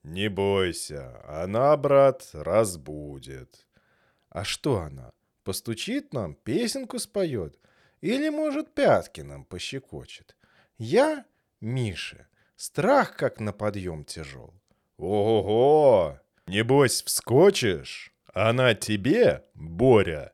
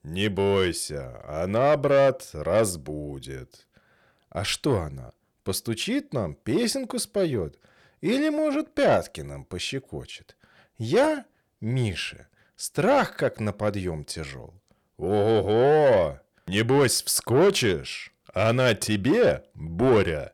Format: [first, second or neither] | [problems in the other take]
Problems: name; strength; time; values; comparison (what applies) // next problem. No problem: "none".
first | distortion; slight; 10 dB below the speech